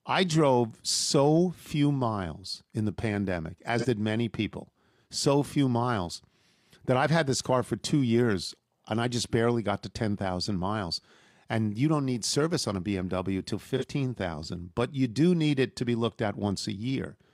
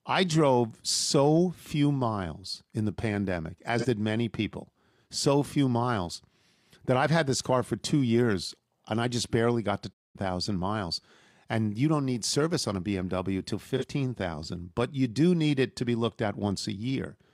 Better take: first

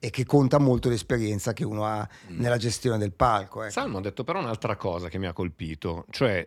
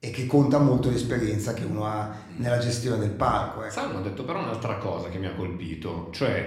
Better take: first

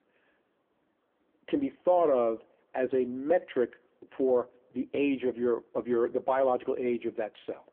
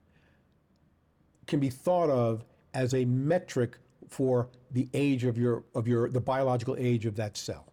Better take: second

